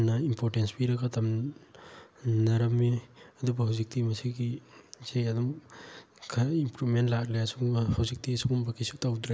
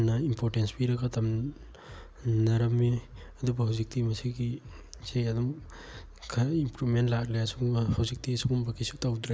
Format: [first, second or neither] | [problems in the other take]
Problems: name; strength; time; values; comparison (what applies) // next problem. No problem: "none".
first | background sound (Bass drum); 19 dB below the speech